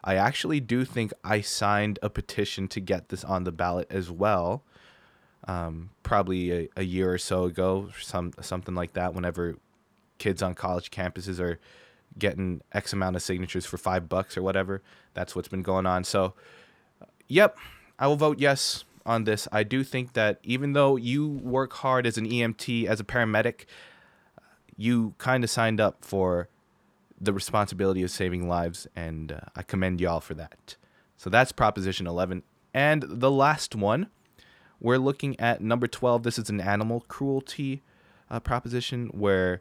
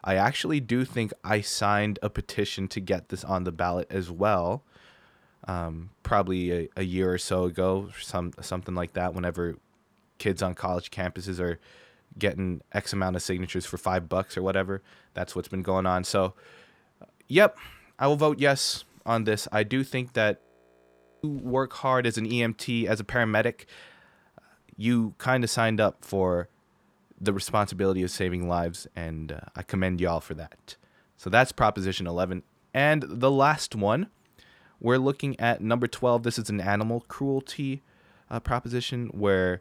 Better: first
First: none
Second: audio freezing; at 20 s for 1 s

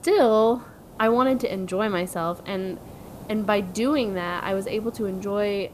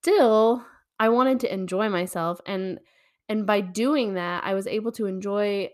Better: second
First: hiss; noticeable; throughout; 20 dB below the speech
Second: none

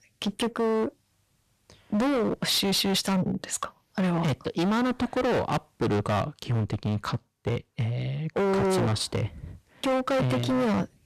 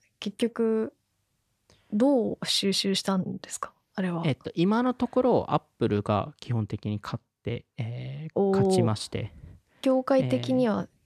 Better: second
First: distortion; heavy; 23% of the sound clipped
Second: none

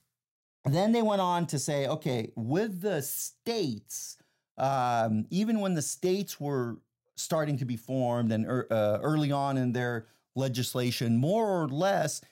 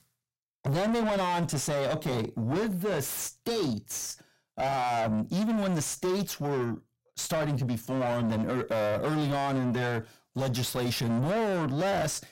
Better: first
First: none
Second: distortion; heavy; 7 dB below the speech

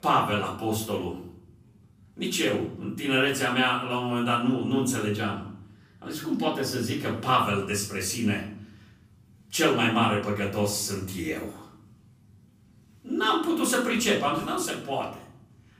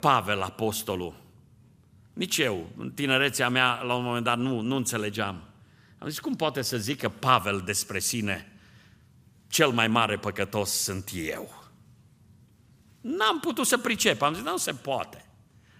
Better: second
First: off-mic speech; far // room echo; slight; dies away in 0.6 s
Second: none

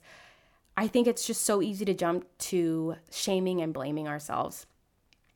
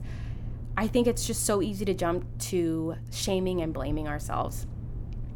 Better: first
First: none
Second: low rumble; faint; throughout; 20 dB below the speech

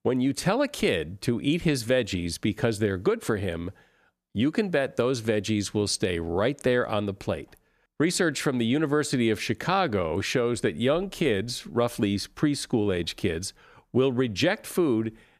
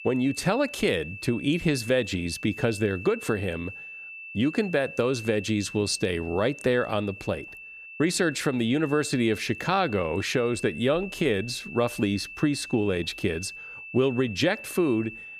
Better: first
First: none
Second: high-pitched whine; noticeable; throughout; 2.5 kHz, 15 dB below the speech

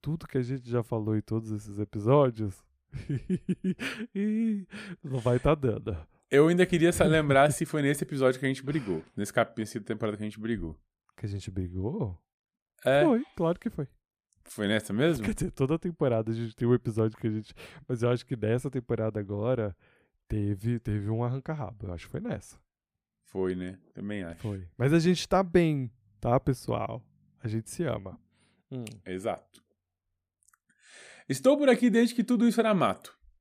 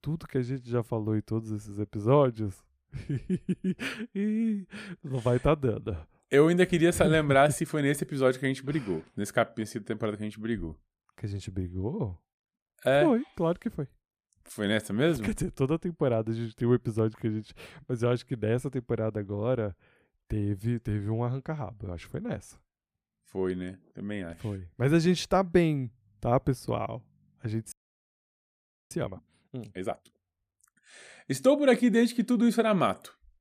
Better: first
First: none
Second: audio freezing; at 28 s for 1 s

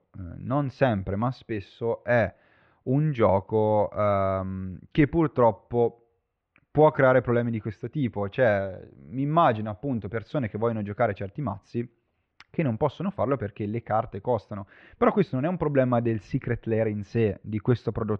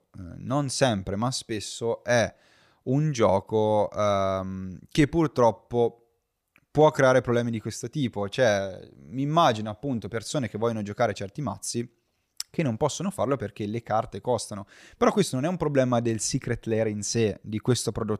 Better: second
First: muffled; very; fading above 2.5 kHz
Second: none

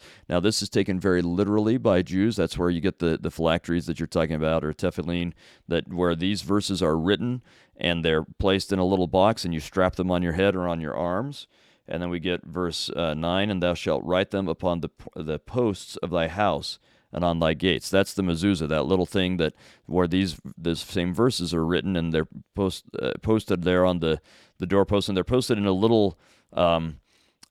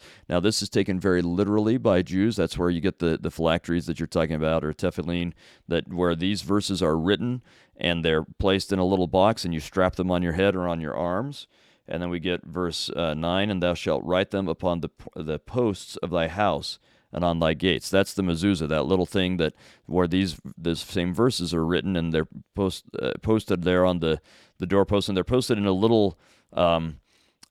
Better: neither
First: none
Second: none

